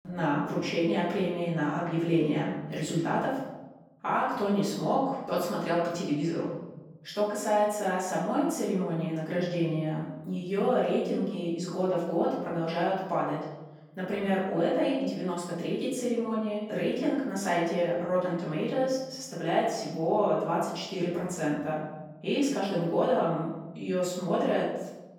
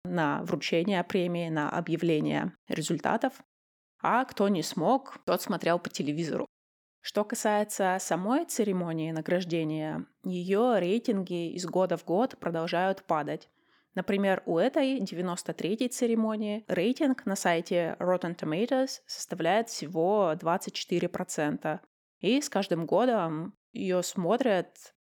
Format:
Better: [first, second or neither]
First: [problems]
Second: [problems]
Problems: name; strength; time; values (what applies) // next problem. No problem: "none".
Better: second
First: off-mic speech; far // room echo; noticeable; dies away in 1.2 s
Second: none